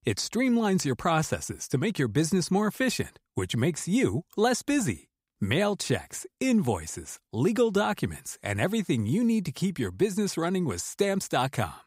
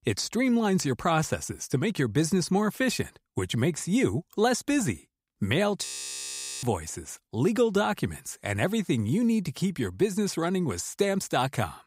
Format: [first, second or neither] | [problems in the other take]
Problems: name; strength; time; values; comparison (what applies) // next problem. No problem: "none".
first | audio freezing; at 6 s for 1 s